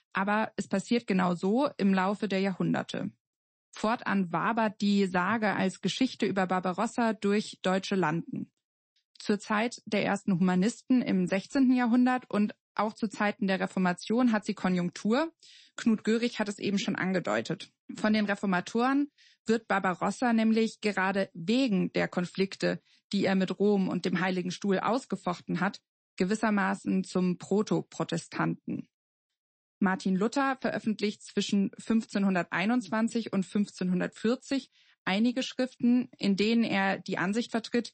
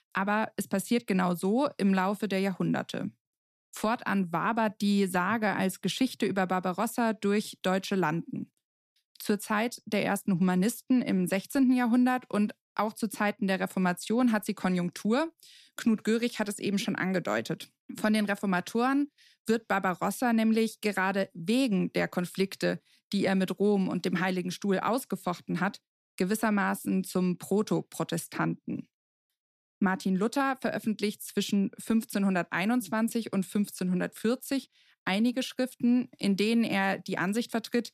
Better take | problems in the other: second | garbled, watery; slightly; nothing above 8 kHz

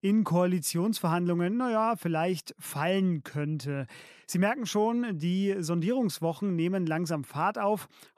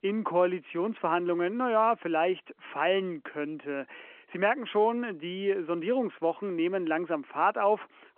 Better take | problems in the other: first | phone-call audio

